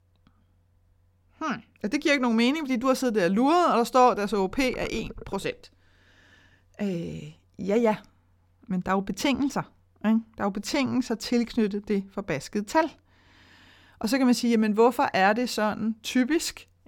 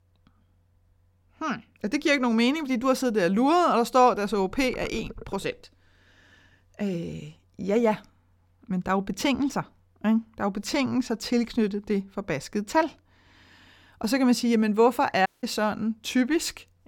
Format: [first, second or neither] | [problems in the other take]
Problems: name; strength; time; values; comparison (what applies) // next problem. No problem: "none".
first | audio cutting out; at 15 s